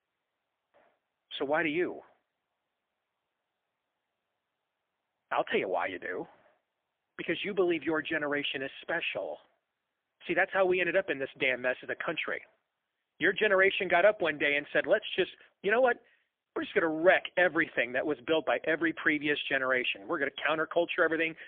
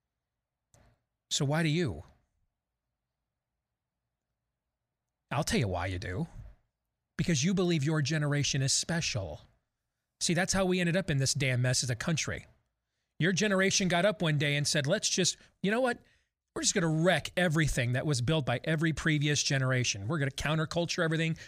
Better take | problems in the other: second | phone-call audio; poor line; nothing above 3.5 kHz

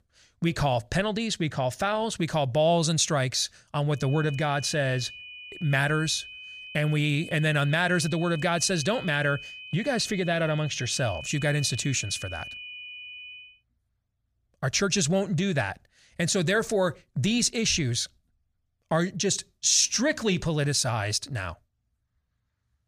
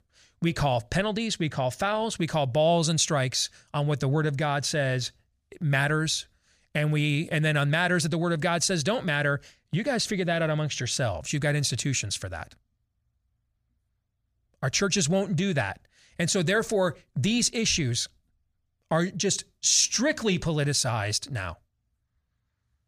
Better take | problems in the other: second | high-pitched whine; noticeable; from 4 to 13 s; 2.5 kHz, 15 dB below the speech

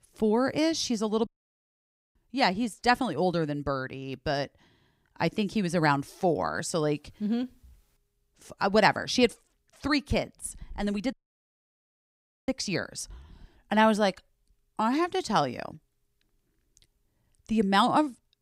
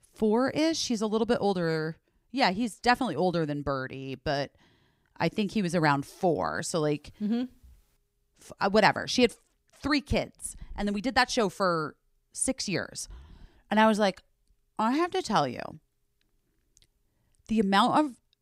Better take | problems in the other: second | audio cutting out; at 1.5 s for 1 s and at 11 s for 1.5 s

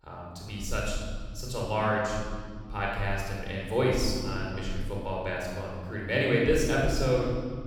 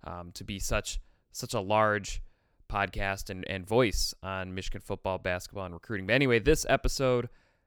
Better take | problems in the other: second | room echo; strong; dies away in 2.2 s // off-mic speech; far

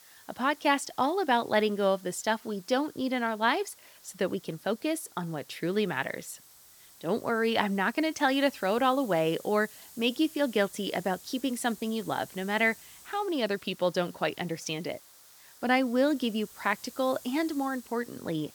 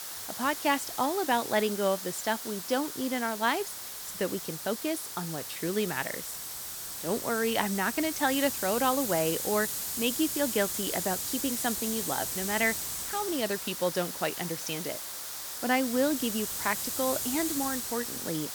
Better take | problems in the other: first | hiss; loud; throughout; 3 dB below the speech; faint in the first

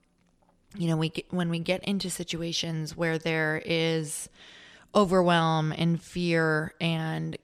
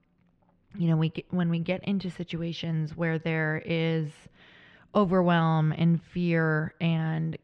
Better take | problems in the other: first | muffled; slightly; fading above 2.5 kHz

